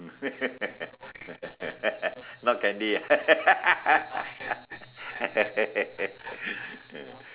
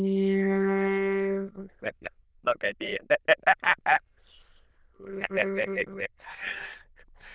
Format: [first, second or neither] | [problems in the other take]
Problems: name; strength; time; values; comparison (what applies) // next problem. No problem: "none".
first | noise reduction (neural diffusion model UNIVERSE++)